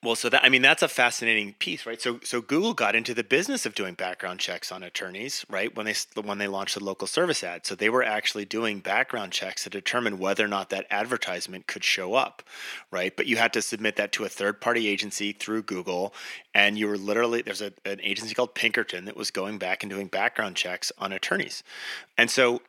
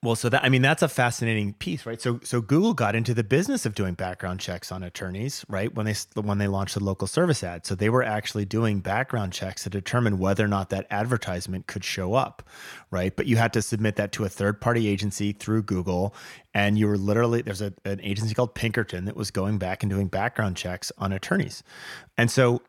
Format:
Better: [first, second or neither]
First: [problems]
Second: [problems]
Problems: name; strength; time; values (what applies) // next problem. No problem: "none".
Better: second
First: thin; somewhat; fading below 250 Hz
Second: none